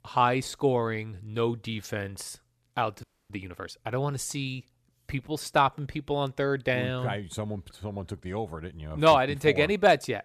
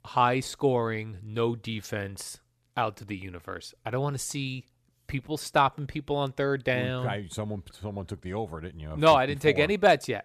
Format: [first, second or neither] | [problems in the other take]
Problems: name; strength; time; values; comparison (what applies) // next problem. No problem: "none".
second | audio freezing; at 3 s